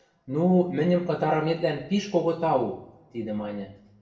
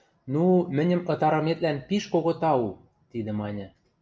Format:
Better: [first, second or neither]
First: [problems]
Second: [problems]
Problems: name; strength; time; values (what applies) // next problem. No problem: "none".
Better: second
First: room echo; dies away in 0.7 s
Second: none